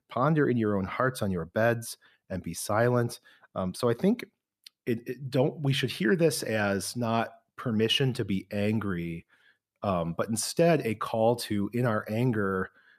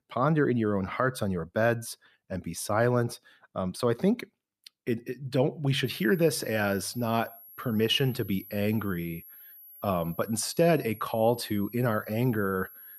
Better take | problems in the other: first | high-pitched whine; noticeable; from 6 s on; 12 kHz, 20 dB below the speech

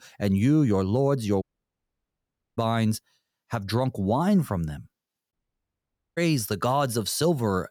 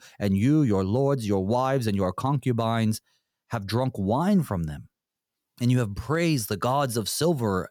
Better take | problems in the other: second | audio cutting out; at 1.5 s for 1 s and at 5.5 s for 1 s

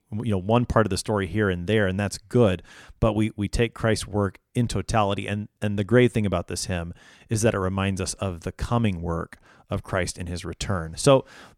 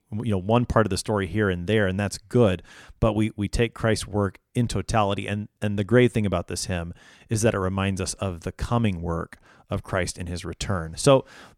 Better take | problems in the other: neither | none

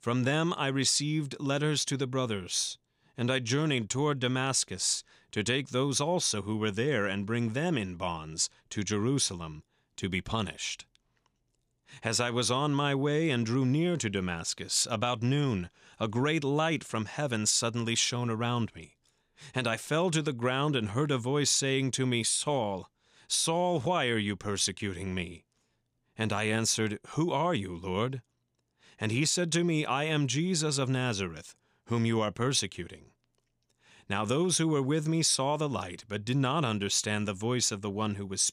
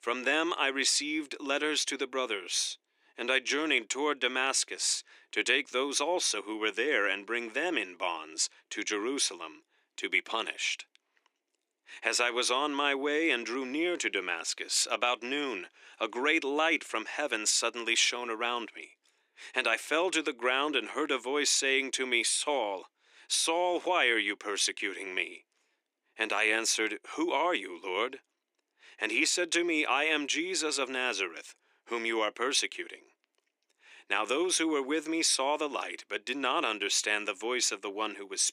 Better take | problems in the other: first | thin; somewhat; fading below 300 Hz

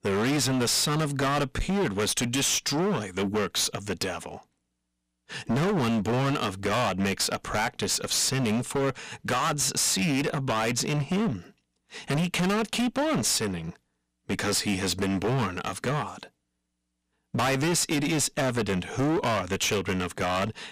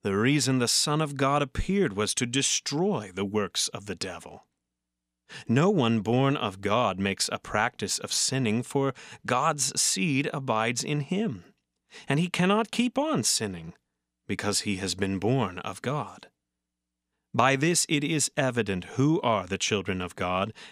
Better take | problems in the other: second | distortion; heavy; 23% of the sound clipped

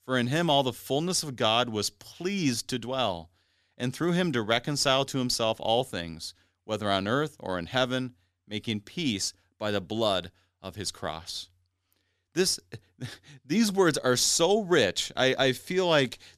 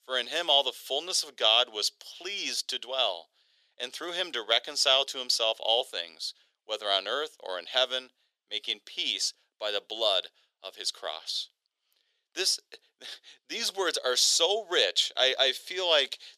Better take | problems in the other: first | thin; very; fading below 450 Hz

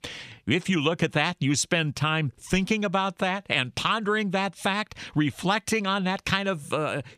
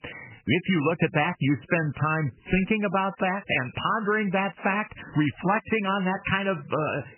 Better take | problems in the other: first | garbled, watery; badly; nothing above 3 kHz

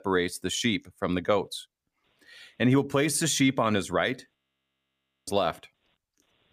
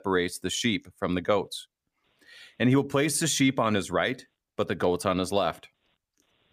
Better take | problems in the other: second | audio freezing; at 4.5 s for 1 s

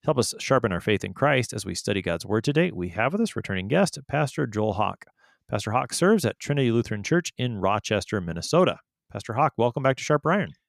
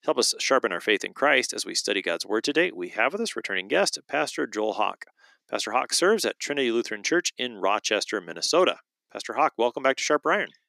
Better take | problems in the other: first | thin; somewhat; fading below 300 Hz

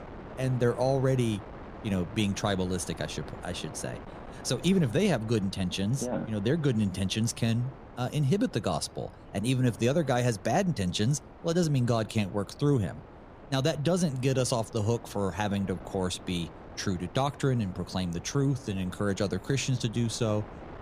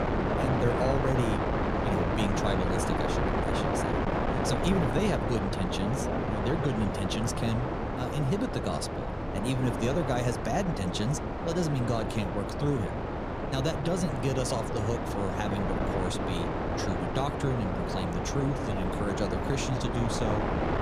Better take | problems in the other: first | wind noise on the microphone; heavy; 3 dB above the speech; occasional gusts in the first

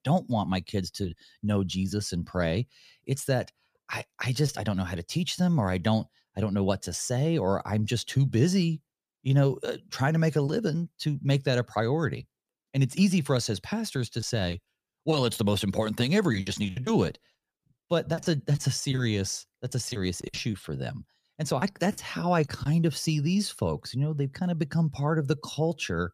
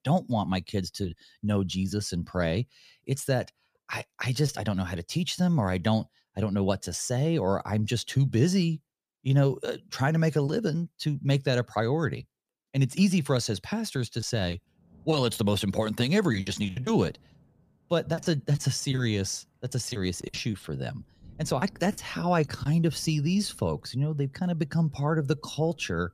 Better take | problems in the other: first | rain or running water; faint; from 15 s on; 30 dB below the speech

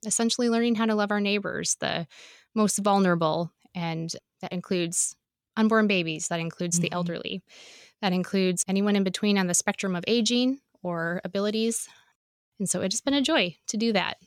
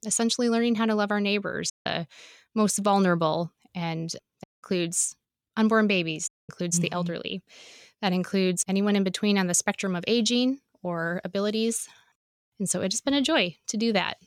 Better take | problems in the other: first | audio cutting out; at 1.5 s, at 4.5 s and at 6.5 s

